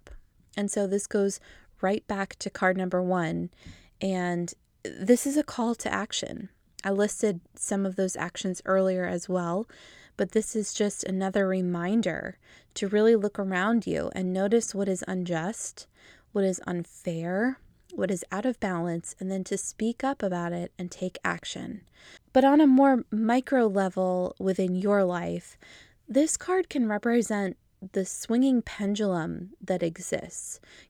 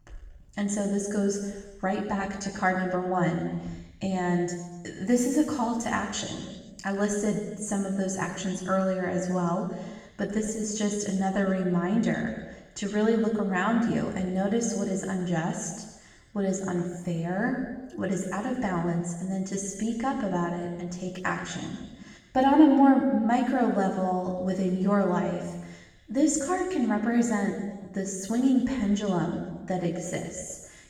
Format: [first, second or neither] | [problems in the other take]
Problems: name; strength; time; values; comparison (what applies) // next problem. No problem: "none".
first | room echo; noticeable; dies away in 1.1 s // off-mic speech; far